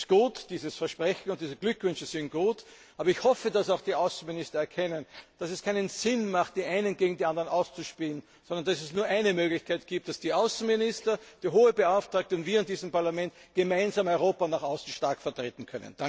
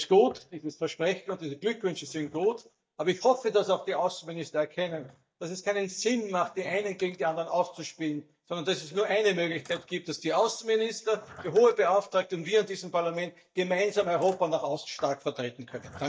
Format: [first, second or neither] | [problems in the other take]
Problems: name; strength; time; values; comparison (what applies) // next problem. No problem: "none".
first | noise reduction (neural mask model DeepFilterNet 3)